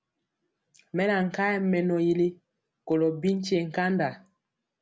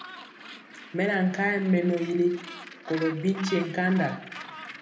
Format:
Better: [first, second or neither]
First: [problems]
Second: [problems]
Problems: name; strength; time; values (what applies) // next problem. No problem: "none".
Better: first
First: none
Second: background sound (Gull, seagull); 14 dB below the speech // room echo; dies away in 0.7 s